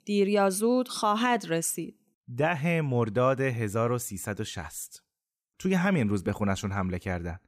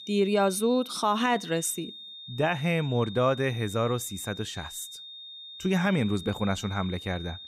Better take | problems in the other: first | high-pitched whine; noticeable; throughout; 3.5 kHz, 15 dB below the speech

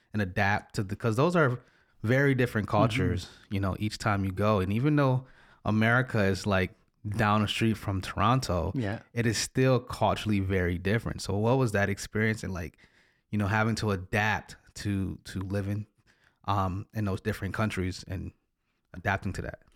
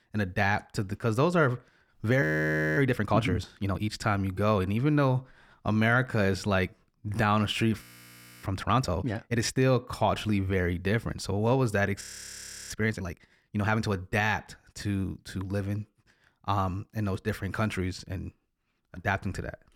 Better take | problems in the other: first | audio freezing; at 2 s for 0.5 s, at 8 s for 0.5 s and at 12 s for 0.5 s

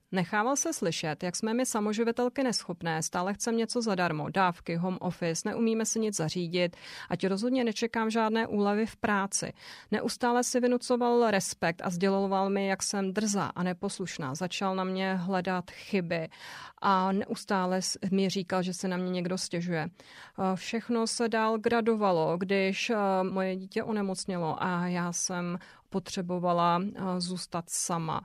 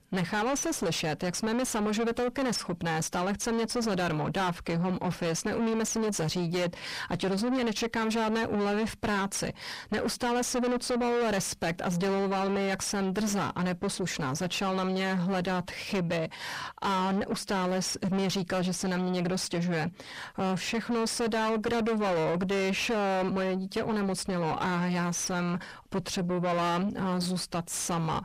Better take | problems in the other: first | distortion; heavy; 6 dB below the speech

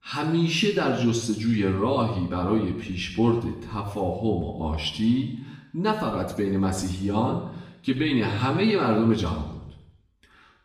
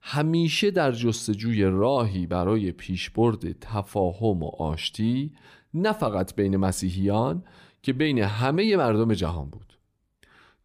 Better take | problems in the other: second | room echo; noticeable; dies away in 0.8 s // off-mic speech; far

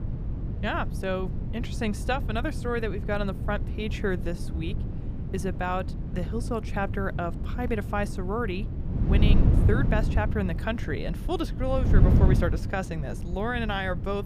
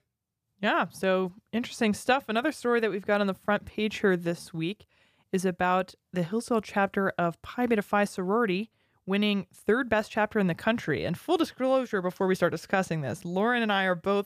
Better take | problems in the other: second | wind noise on the microphone; heavy; 9 dB below the speech

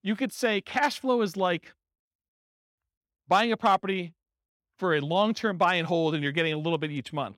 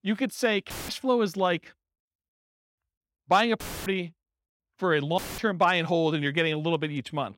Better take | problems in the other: first | audio cutting out; filled with static; at 0.5 s, at 3.5 s and at 5 s

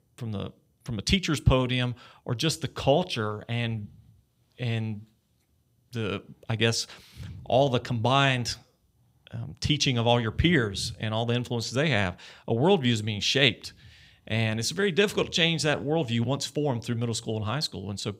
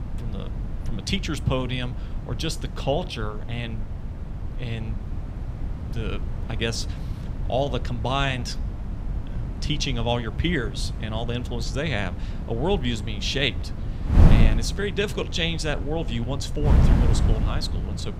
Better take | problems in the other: first | wind noise on the microphone; heavy; 10 dB below the speech

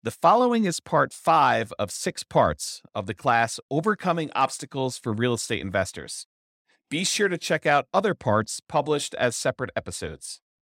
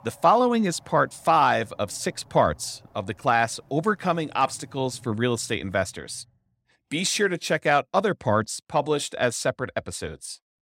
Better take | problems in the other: first | traffic noise; faint; until 6 s; 30 dB below the speech

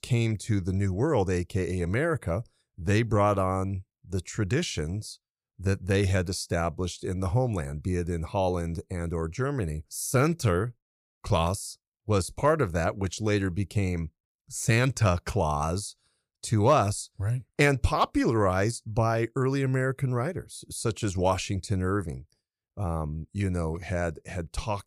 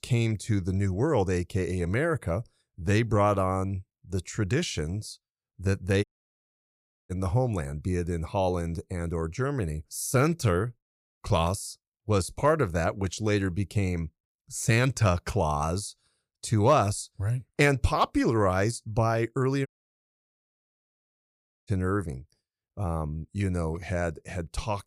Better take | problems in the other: first | audio cutting out; at 6 s for 1 s and at 20 s for 2 s

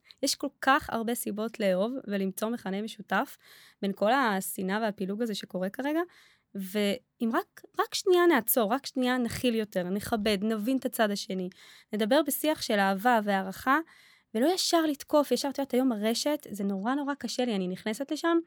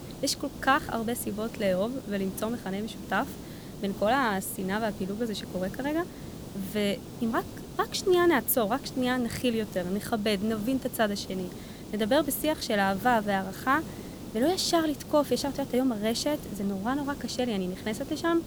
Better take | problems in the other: first | hiss; noticeable; throughout; 15 dB below the speech

